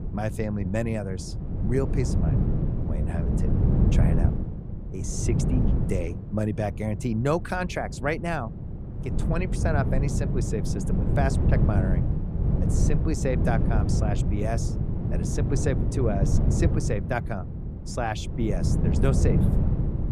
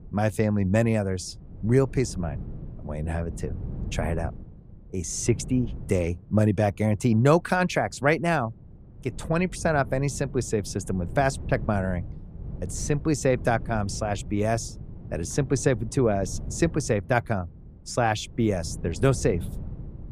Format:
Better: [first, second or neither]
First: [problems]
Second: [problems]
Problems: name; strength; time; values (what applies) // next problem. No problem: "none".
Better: second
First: wind noise on the microphone; heavy; 5 dB below the speech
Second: wind noise on the microphone; occasional gusts; 20 dB below the speech